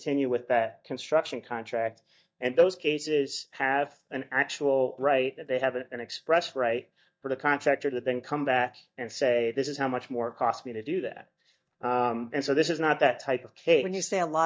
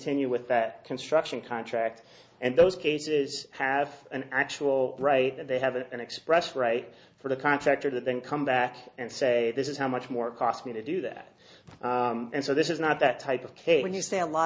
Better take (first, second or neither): second